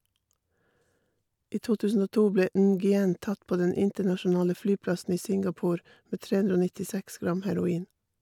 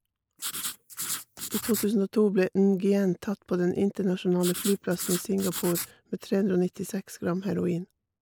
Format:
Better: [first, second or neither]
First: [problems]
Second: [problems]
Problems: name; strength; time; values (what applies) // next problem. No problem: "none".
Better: first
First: none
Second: noise reduction (neural mask model Resemble Enhance denoiser)